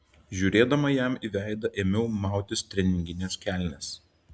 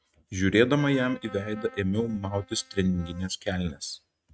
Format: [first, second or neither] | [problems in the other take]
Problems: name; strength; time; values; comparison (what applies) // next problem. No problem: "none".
first | noise reduction (neural mask model RNNoise)